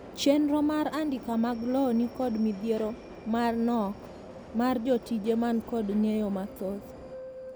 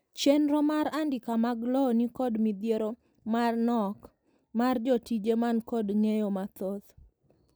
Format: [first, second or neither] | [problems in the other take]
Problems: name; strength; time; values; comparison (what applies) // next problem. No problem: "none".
second | background sound (Subway, metro, underground); 16 dB below the speech